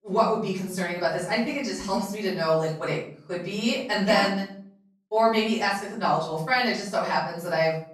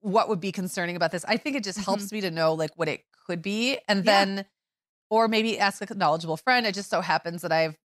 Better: second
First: off-mic speech; far // room echo; noticeable; dies away in 0.5 s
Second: none

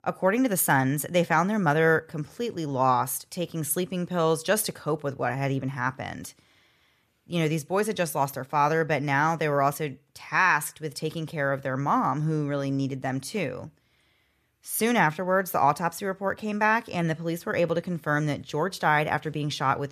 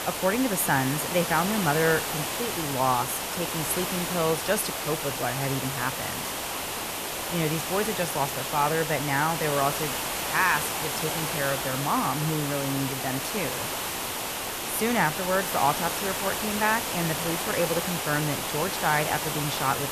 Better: first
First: none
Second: hiss; loud; throughout; 1 dB below the speech

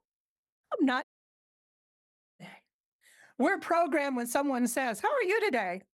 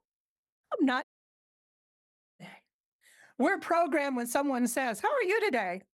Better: neither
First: audio cutting out; at 1 s for 1.5 s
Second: audio cutting out; at 1 s for 1.5 s

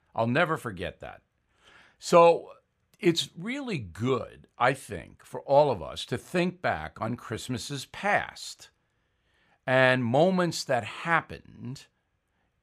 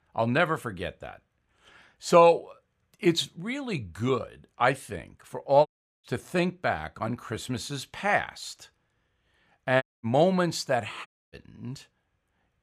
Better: first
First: none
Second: audio cutting out; at 5.5 s, at 10 s and at 11 s

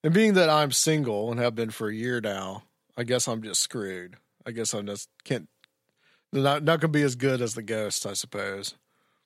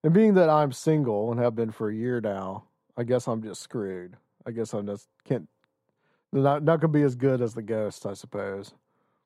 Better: first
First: none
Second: muffled; very; fading above 1.5 kHz

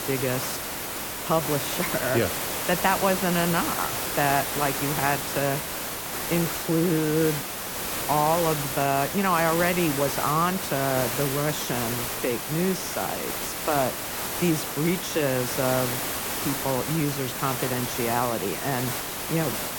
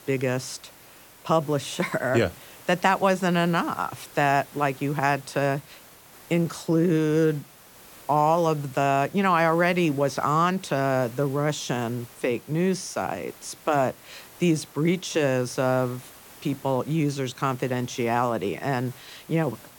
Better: second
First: hiss; loud; throughout; 2 dB below the speech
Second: hiss; faint; throughout; 20 dB below the speech

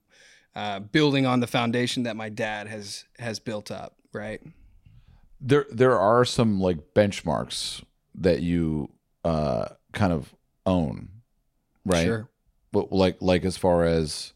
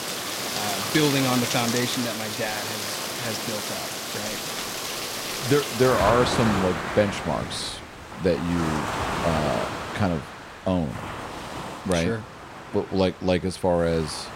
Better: first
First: none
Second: rain or running water; loud; throughout; 3 dB below the speech

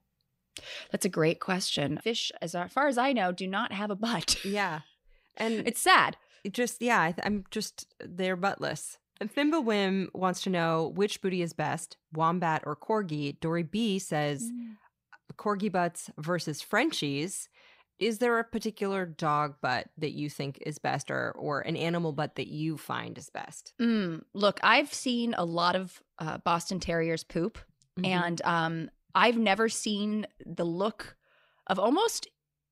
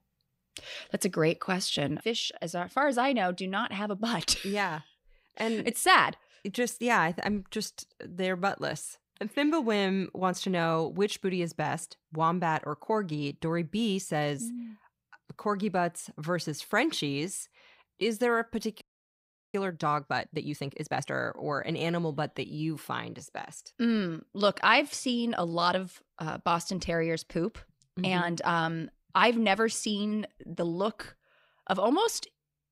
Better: first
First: none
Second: audio freezing; at 19 s for 0.5 s

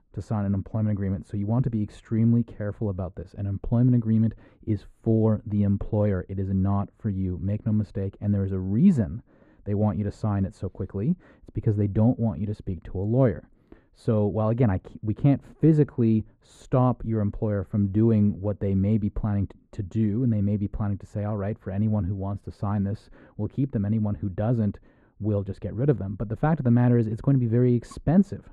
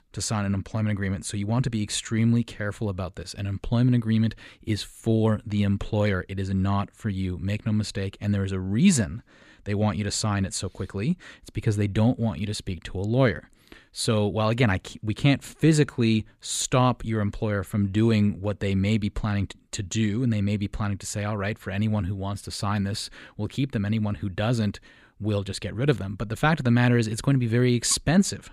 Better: second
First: muffled; very; fading above 1.5 kHz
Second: none

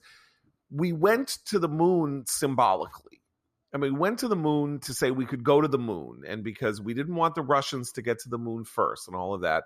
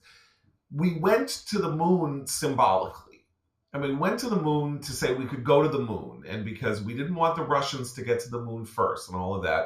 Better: first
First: none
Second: room echo; very slight; dies away in 0.3 s // off-mic speech; somewhat distant

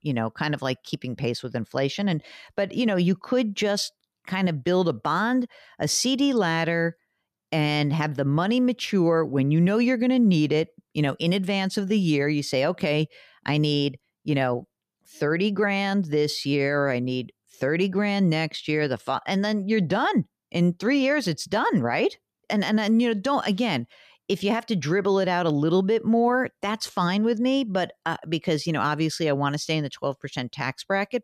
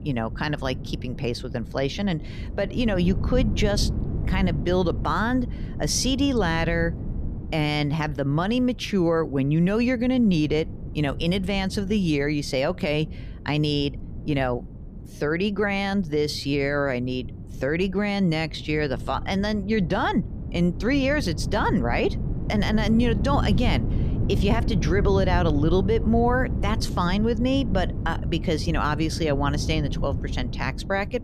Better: first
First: none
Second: wind noise on the microphone; occasional gusts; 15 dB below the speech

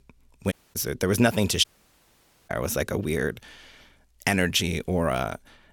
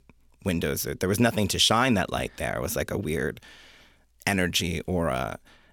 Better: second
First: audio cutting out; at 0.5 s and at 1.5 s for 1 s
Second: none

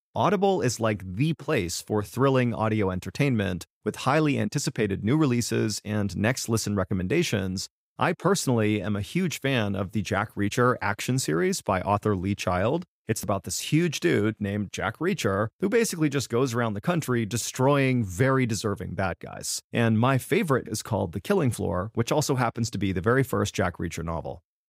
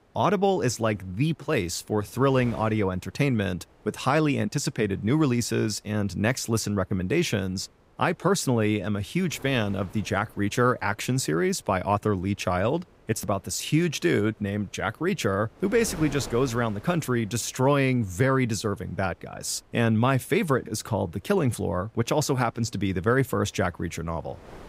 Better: first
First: none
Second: wind noise on the microphone; occasional gusts; 25 dB below the speech

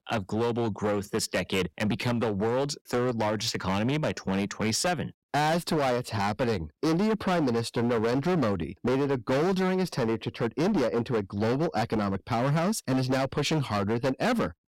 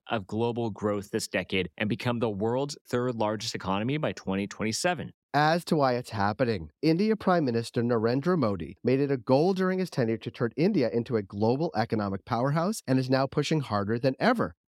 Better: second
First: distortion; heavy; 19% of the sound clipped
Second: none

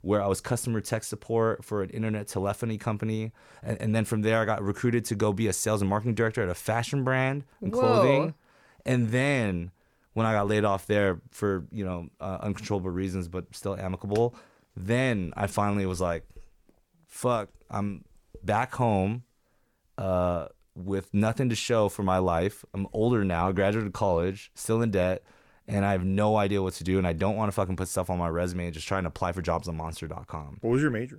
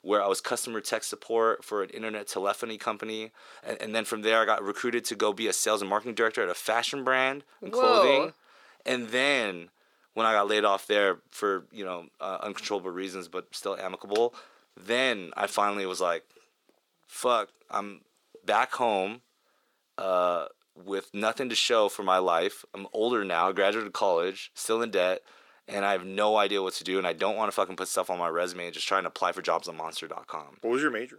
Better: first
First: none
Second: thin; somewhat; fading below 350 Hz

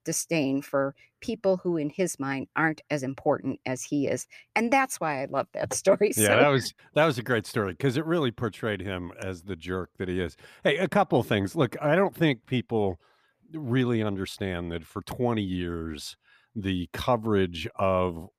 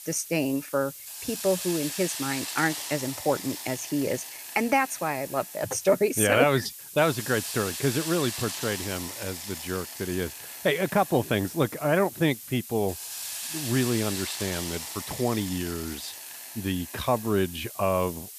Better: first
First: none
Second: hiss; loud; throughout; 8 dB below the speech

